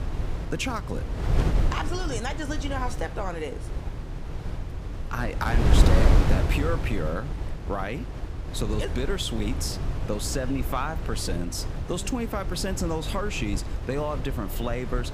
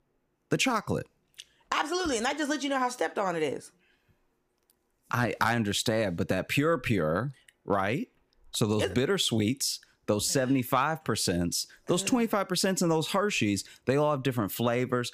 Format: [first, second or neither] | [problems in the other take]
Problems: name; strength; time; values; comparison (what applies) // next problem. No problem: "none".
second | wind noise on the microphone; heavy; 6 dB below the speech